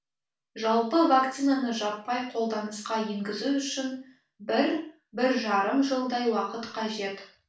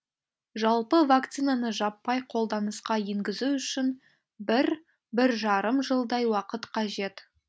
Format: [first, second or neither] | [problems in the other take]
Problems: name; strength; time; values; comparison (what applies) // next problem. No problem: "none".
second | room echo; dies away in 0.4 s